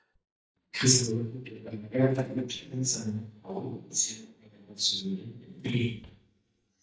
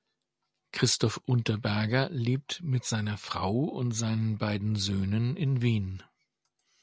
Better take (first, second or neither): second